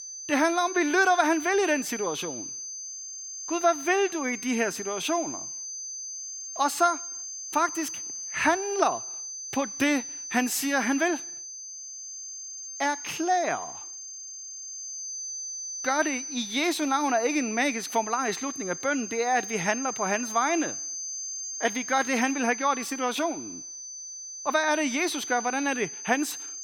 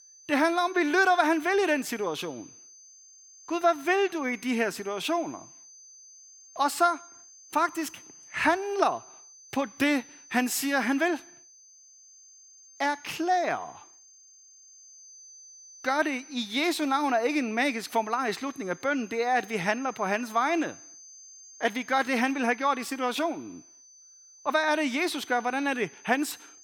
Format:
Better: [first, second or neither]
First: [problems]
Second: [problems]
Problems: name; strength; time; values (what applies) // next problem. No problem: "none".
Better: second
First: high-pitched whine; loud; throughout; 6.5 kHz, 8 dB below the speech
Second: high-pitched whine; faint; throughout; 6.5 kHz, 20 dB below the speech